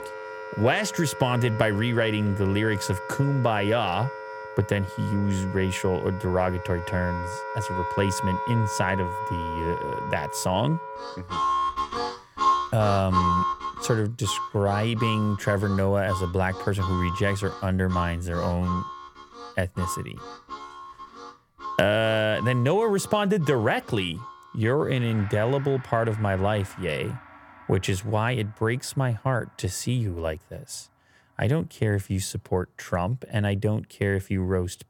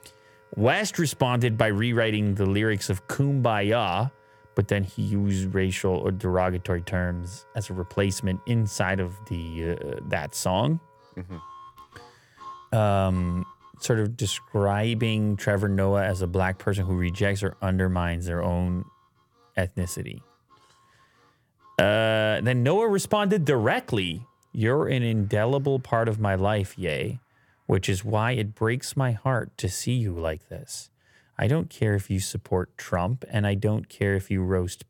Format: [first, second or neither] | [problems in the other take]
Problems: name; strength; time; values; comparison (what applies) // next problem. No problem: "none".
second | background music; loud; throughout; 7 dB below the speech; faint in the second